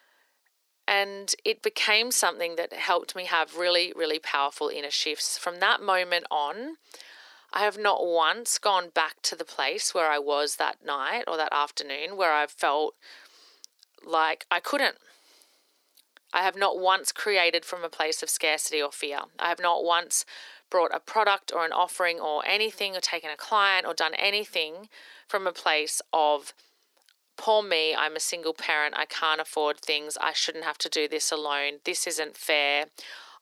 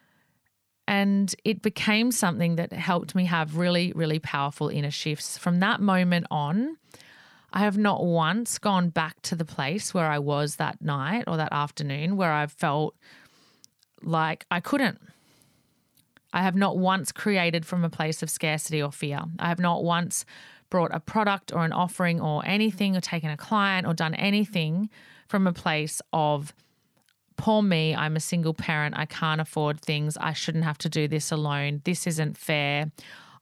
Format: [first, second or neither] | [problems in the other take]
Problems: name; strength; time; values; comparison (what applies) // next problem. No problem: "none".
second | thin; very; fading below 350 Hz